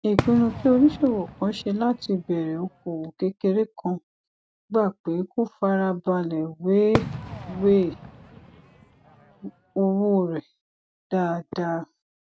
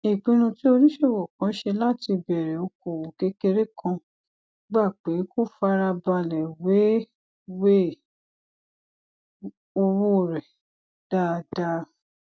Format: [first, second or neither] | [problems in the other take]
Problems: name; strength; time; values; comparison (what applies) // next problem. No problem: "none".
second | background sound (Fireworks); 9 dB below the speech